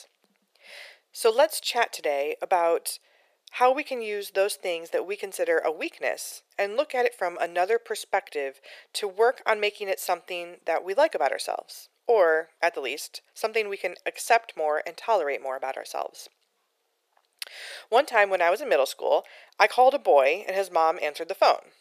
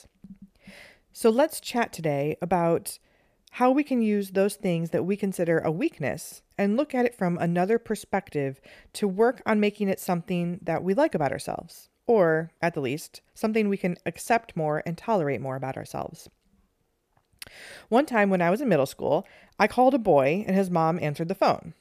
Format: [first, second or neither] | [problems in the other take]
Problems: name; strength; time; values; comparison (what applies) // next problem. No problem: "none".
second | thin; very; fading below 450 Hz